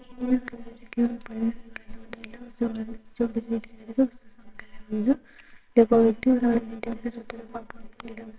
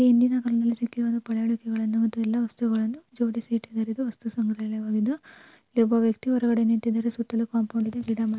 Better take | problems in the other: second | noise reduction (neural separator model SepFormer WHAMR!)

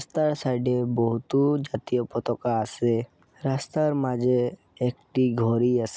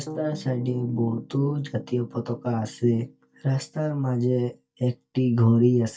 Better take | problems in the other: first | noise reduction (neural mask model DeepFilterNet 3)

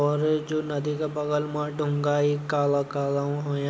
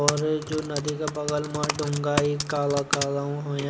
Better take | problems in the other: first | background sound (Typing); 5 dB below the speech

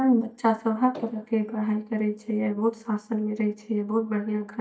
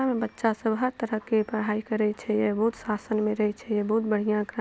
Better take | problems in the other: second | noise reduction (neural mask model DeepFilterNet 3)

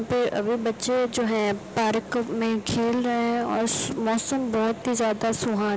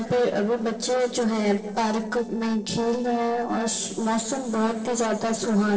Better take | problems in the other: first | noise reduction (neural separator model SepFormer DNS4)

